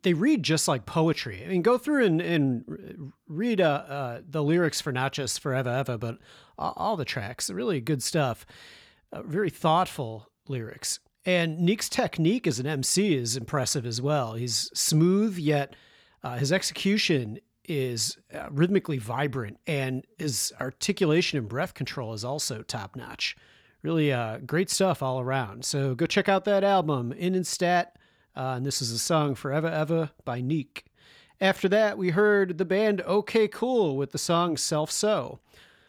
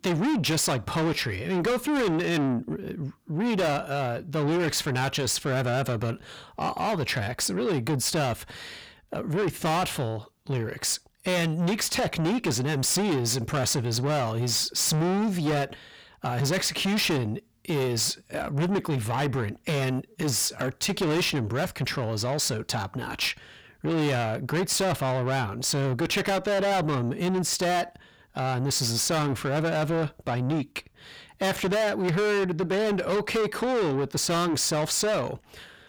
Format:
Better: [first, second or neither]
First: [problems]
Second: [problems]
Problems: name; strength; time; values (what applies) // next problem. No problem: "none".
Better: first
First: none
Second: distortion; heavy; 6 dB below the speech